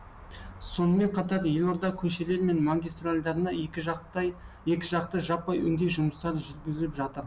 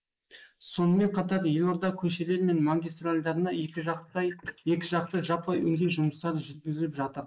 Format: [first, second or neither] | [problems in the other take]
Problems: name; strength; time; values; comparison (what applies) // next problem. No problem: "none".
first | noise reduction (neural mask model Resemble Enhance denoiser)